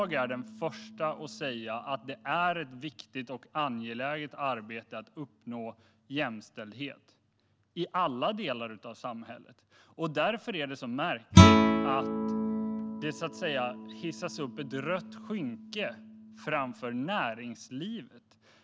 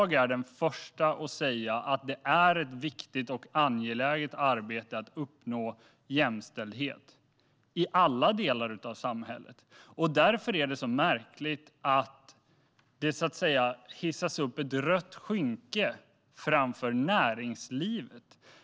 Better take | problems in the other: second | background sound (Guitar); 3 dB above the speech

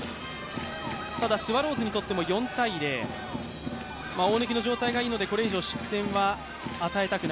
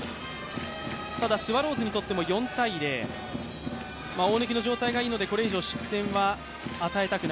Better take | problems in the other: second | background sound (Motor vehicle (road) / Siren); 16 dB below the speech

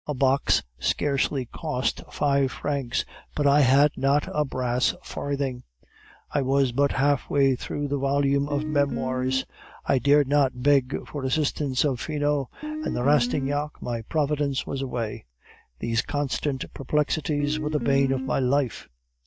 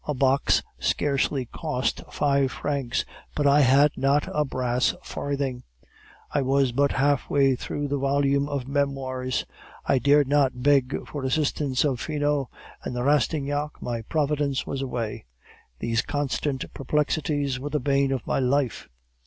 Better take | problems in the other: second | noise reduction (neural mask model DeepFilterNet 3)

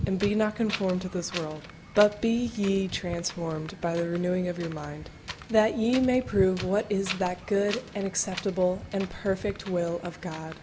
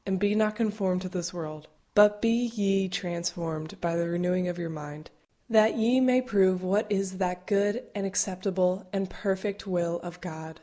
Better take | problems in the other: second | background sound (Wind); 12 dB below the speech

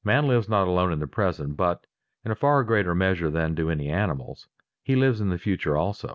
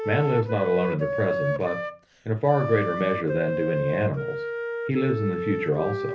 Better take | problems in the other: first | background sound (Wind instrument, woodwind instrument); 4 dB below the speech // room echo; dies away in 0.3 s

